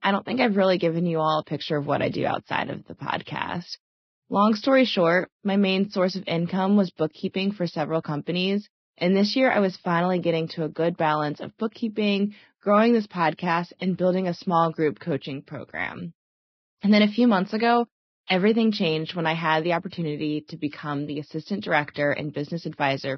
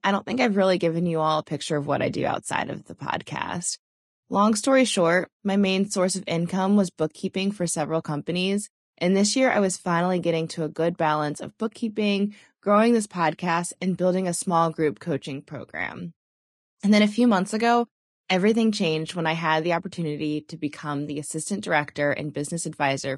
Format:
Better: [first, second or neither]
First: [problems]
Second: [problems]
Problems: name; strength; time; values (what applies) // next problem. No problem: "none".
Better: second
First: garbled, watery; badly; nothing above 5.5 kHz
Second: garbled, watery; slightly; nothing above 10.5 kHz